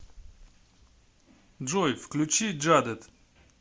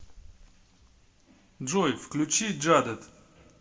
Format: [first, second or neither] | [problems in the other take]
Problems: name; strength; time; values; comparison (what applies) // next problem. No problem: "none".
first | room echo; dies away in 0.8 s